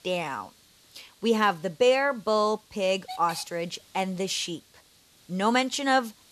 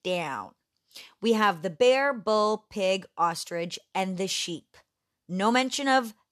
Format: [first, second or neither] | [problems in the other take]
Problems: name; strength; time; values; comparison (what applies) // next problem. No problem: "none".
second | hiss; faint; throughout; 25 dB below the speech